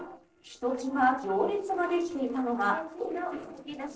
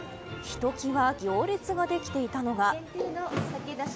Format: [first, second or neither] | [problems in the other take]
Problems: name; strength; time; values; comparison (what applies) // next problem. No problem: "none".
second | noise reduction (neural separator model SepFormer DNS4)